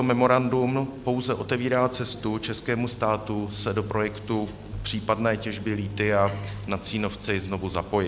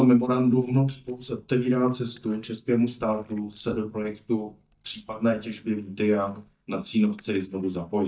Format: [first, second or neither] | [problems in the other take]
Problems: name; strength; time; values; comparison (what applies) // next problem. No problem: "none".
first | noise reduction (neural mask model DeepFilterNet 3)